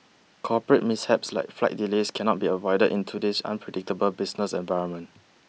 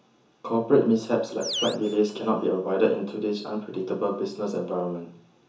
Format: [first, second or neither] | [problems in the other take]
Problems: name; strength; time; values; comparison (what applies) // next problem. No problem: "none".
first | background sound (Animal); 13 dB below the speech // room echo; dies away in 0.7 s